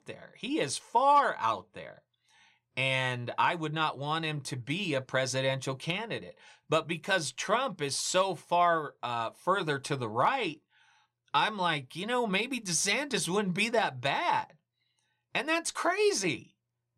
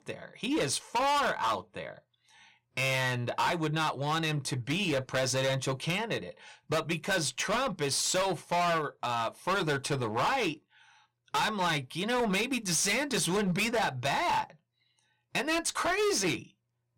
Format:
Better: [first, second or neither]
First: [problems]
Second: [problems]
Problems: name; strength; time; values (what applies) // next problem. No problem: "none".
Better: first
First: none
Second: distortion; heavy; 14% of the sound clipped